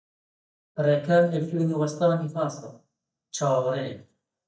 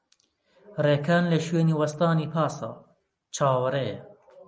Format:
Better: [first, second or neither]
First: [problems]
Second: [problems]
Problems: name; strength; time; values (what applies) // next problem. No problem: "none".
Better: second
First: noise reduction (neural mask model DeepFilterNet 3)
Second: none